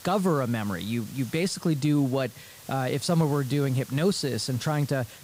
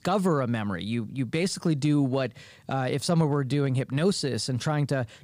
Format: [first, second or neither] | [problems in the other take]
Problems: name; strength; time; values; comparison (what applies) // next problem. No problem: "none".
second | hiss; very faint; throughout; 20 dB below the speech